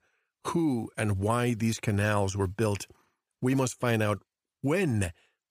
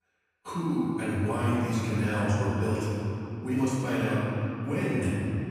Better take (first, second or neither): first